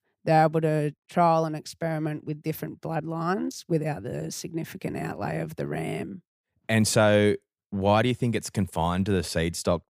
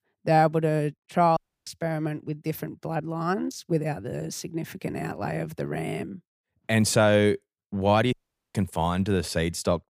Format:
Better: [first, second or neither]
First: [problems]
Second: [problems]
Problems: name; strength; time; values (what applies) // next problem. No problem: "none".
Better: first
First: none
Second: audio cutting out; at 1.5 s and at 8 s